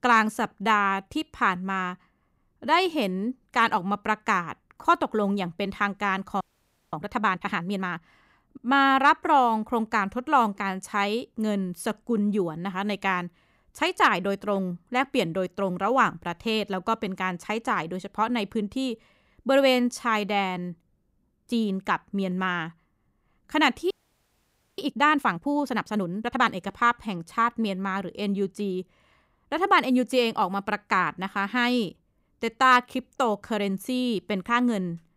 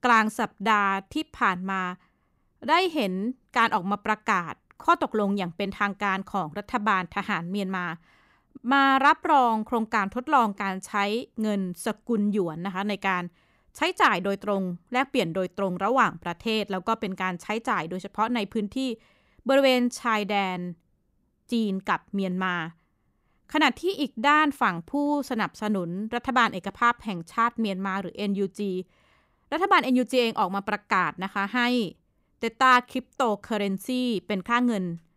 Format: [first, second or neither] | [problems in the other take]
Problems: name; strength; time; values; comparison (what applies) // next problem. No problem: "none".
second | audio freezing; at 6.5 s for 0.5 s and at 24 s for 1 s